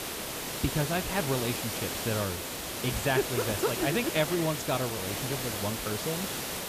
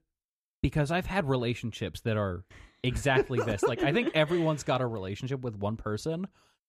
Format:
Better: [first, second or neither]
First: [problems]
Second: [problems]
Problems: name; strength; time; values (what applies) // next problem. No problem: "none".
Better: second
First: hiss; loud; throughout; 1 dB below the speech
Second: none